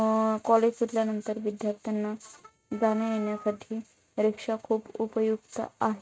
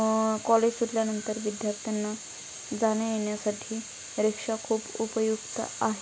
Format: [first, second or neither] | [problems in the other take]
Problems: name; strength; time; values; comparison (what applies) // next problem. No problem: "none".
second | noise reduction (neural mask model RNNoise)